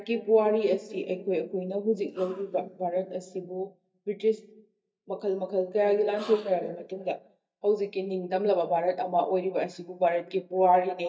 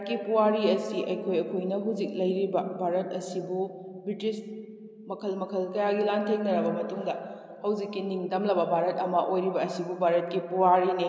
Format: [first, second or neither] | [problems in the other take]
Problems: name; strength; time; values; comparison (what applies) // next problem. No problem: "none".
second | noise reduction (neural mask model DeepFilterNet 3)